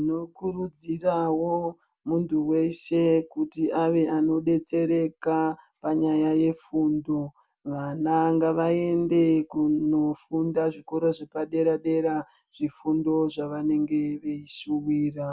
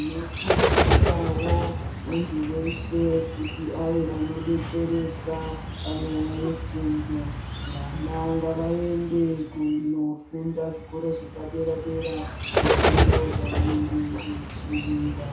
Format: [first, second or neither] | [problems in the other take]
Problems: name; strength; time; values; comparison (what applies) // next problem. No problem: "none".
first | background sound (Bird); 1 dB above the speech // room echo; dies away in 0.6 s